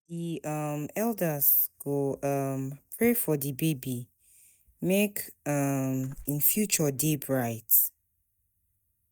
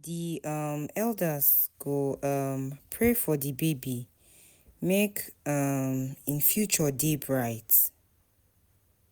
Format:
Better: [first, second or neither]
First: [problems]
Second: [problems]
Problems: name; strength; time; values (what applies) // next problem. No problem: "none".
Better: second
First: noise reduction (neural mask model DeepFilterNet 3)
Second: none